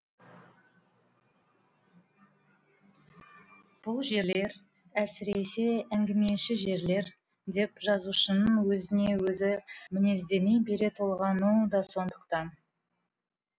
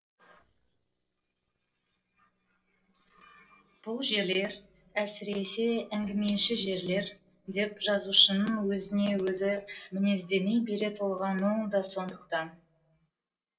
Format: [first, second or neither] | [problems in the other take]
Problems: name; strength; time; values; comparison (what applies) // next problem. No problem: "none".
first | noise reduction (neural separator model SepFormer DNS4)